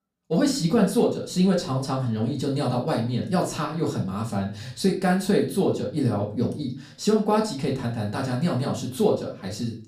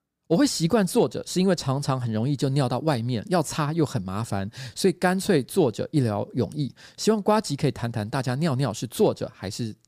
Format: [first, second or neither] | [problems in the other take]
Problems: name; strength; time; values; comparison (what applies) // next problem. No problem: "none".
second | room echo; slight; dies away in 0.3 s // off-mic speech; far